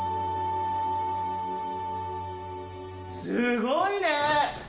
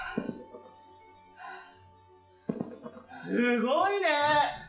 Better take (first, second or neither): first